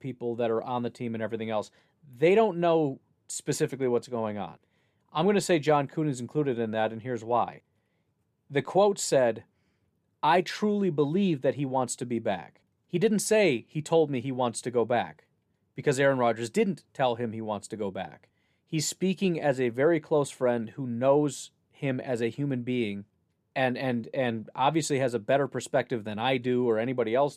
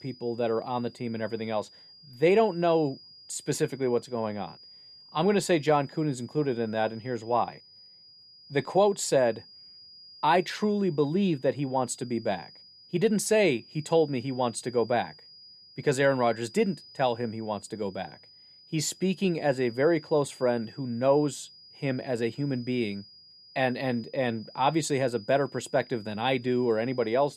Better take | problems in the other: first | high-pitched whine; faint; throughout; 5 kHz, 20 dB below the speech

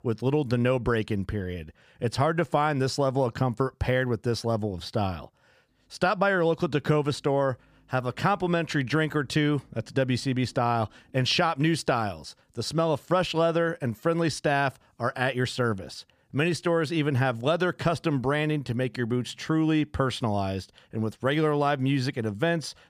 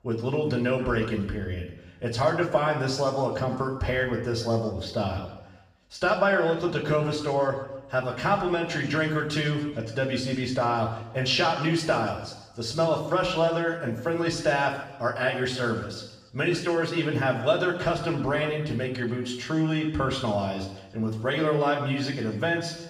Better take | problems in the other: first | room echo; noticeable; dies away in 1 s // off-mic speech; far

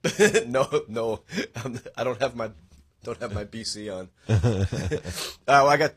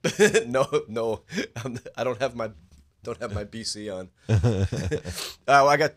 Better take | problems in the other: second | garbled, watery; slightly; nothing above 14.5 kHz

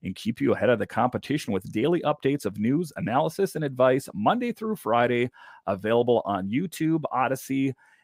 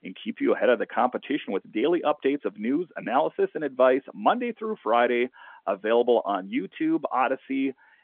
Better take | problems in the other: first | phone-call audio; nothing above 3.5 kHz

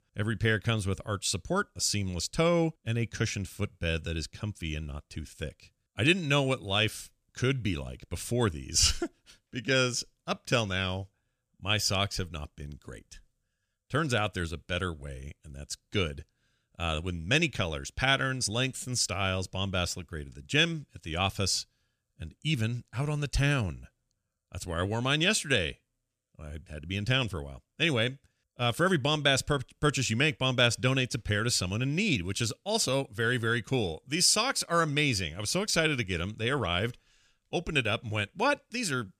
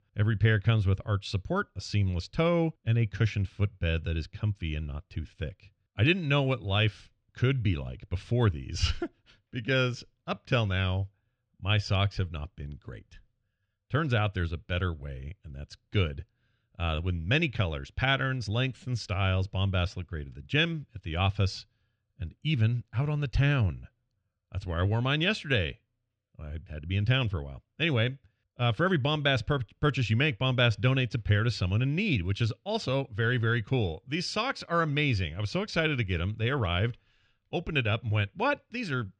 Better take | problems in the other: first | muffled; slightly; fading above 3.5 kHz

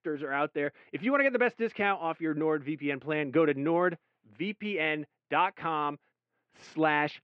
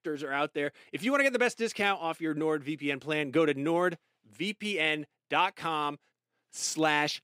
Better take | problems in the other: second | muffled; very; fading above 2.5 kHz

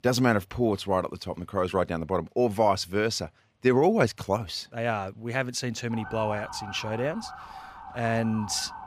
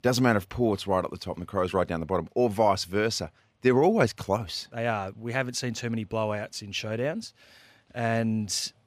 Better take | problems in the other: second | siren; noticeable; from 6 s on; peak 10 dB below the speech

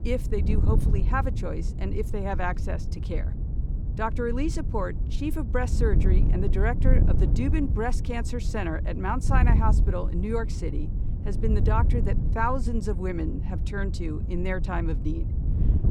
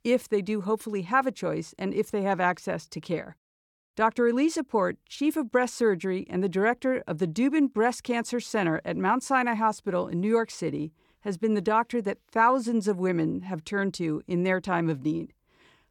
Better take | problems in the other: second | wind noise on the microphone; heavy; 10 dB below the speech

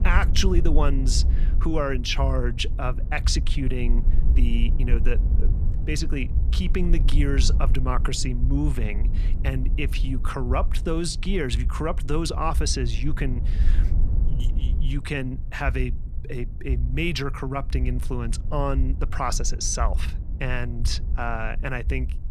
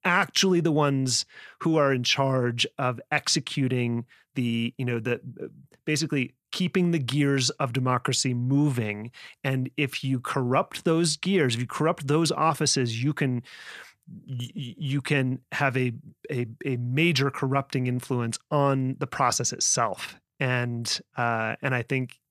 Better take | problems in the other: second | low rumble; noticeable; throughout; 15 dB below the speech

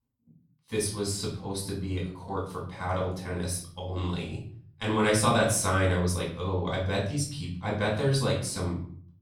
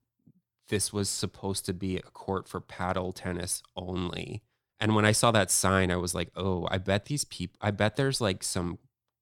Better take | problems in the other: second | off-mic speech; far // room echo; noticeable; dies away in 0.6 s

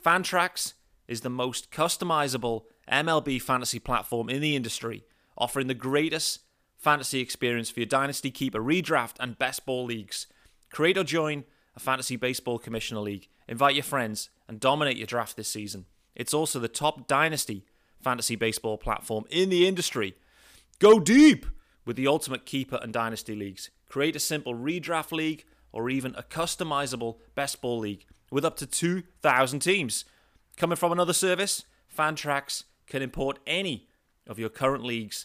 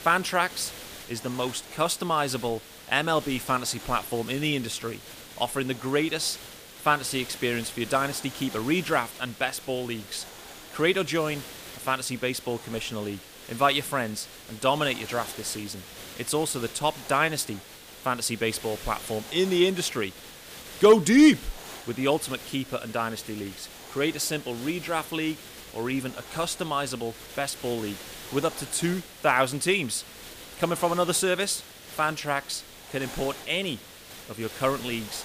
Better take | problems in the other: first | hiss; noticeable; throughout; 15 dB below the speech

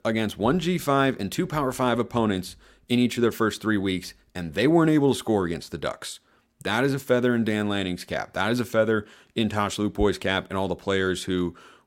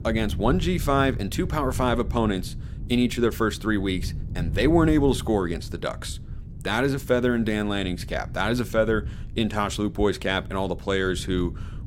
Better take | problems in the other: first | wind noise on the microphone; occasional gusts; 20 dB below the speech

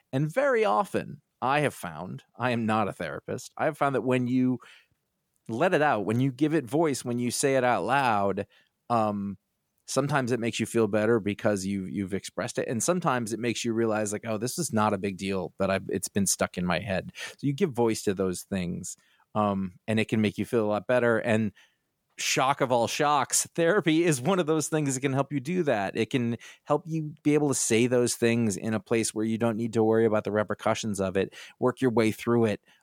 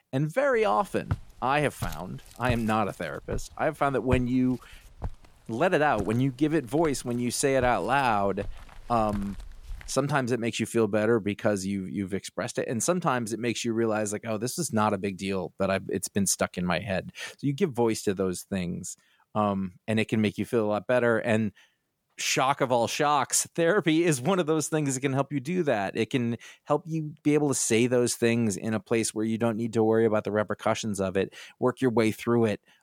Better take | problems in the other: first | footsteps; noticeable; from 1 to 10 s; peak 8 dB below the speech

